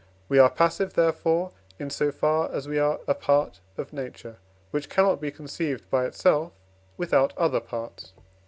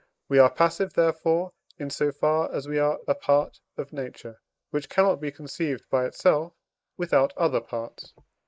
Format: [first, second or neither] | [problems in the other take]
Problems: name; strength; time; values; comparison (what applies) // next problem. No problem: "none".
first | noise reduction (neural mask model Resemble Enhance denoiser)